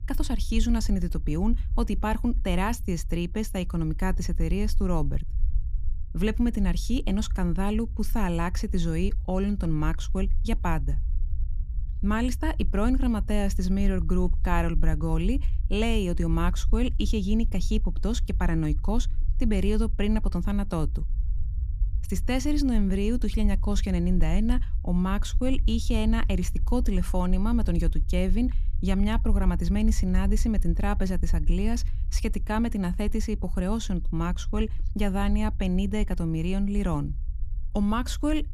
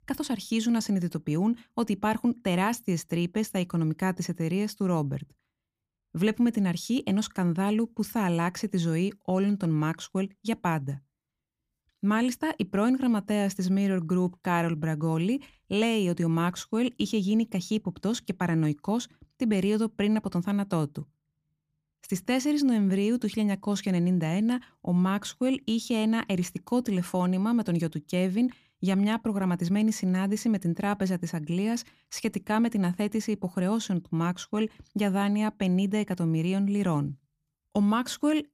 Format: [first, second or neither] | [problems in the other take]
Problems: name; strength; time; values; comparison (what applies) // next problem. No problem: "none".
second | low rumble; faint; throughout; 20 dB below the speech